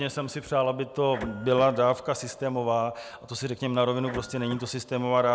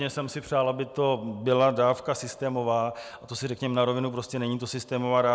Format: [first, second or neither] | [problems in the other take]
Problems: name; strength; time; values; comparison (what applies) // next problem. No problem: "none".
second | background sound (Printer); 15 dB below the speech